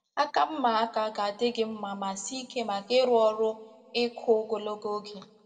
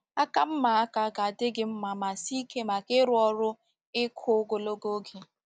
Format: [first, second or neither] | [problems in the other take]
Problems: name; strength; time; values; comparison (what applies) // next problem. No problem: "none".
second | room echo; dies away in 1.9 s